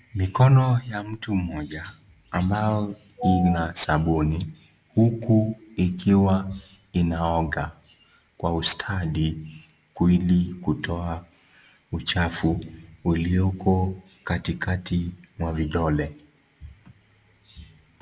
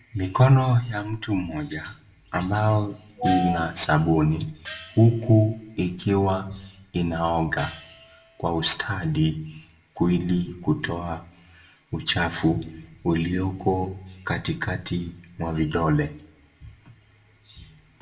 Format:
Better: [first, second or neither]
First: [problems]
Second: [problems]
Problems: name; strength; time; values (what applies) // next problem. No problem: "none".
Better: first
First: none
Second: background sound (Gong); 20 dB below the speech // room echo; dies away in 0.3 s